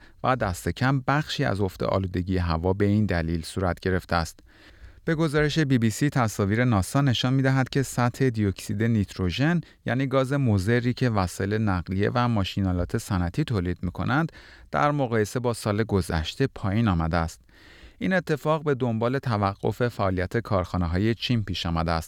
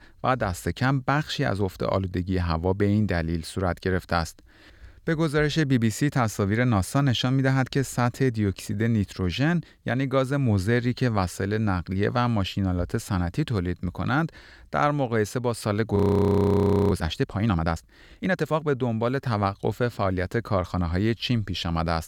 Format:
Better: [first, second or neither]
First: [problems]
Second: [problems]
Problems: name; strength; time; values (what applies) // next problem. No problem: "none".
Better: first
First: none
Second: audio freezing; at 16 s for 1 s